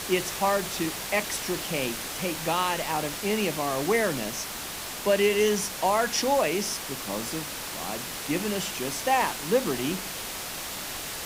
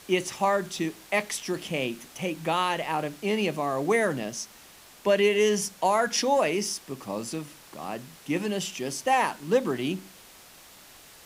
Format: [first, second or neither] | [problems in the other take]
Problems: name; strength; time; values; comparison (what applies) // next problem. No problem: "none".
second | hiss; loud; throughout; 5 dB below the speech; faint in the second